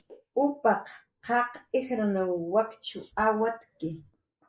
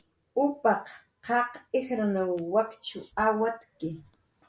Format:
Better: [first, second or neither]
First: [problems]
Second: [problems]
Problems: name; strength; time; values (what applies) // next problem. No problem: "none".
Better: second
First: noise reduction (neural mask model Resemble Enhance denoiser)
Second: none